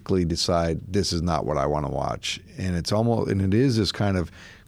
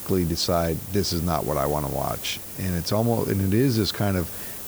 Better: first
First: none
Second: hiss; loud; throughout; 9 dB below the speech

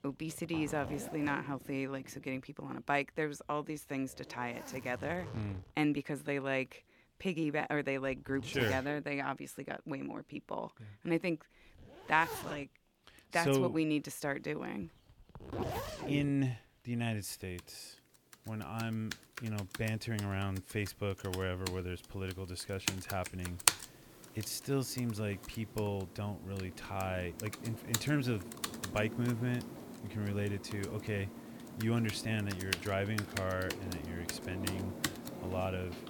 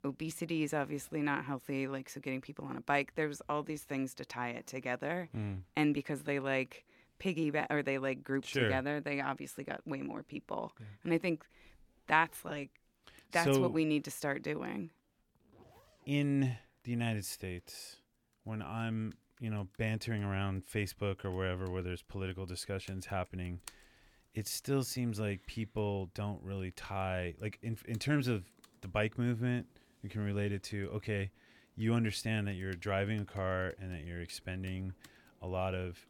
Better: second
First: household noises; loud; throughout; 5 dB below the speech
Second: household noises; faint; throughout; 30 dB below the speech

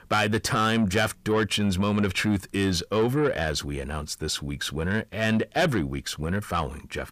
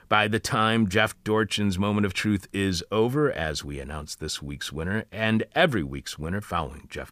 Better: second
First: distortion; slight; 10 dB below the speech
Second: none

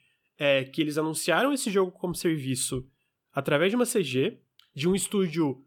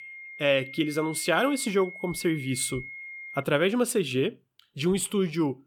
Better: first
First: none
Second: high-pitched whine; noticeable; until 3.5 s; 2 kHz, 10 dB below the speech

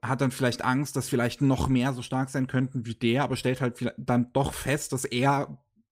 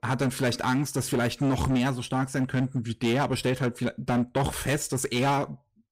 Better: first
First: none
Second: distortion; slight; 12% of the sound clipped

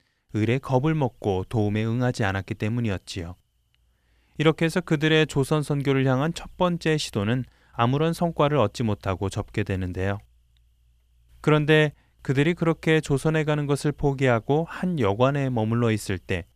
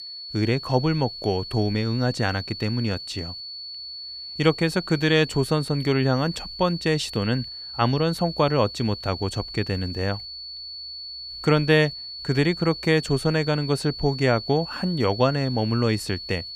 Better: first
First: none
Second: high-pitched whine; loud; throughout; 4.5 kHz, 10 dB below the speech

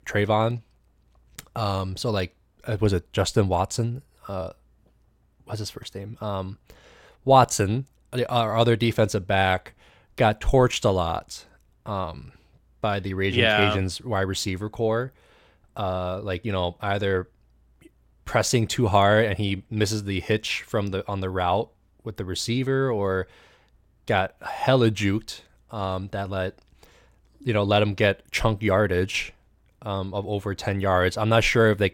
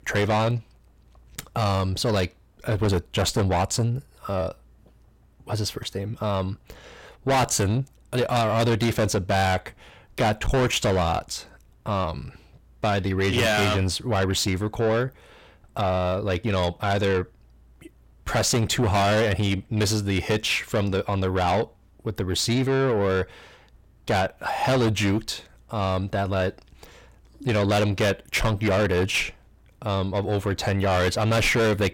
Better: first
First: none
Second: distortion; heavy; 6 dB below the speech

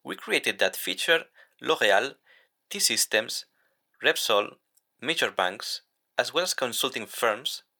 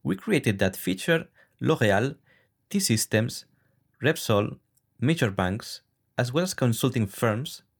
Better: second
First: thin; very; fading below 650 Hz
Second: none

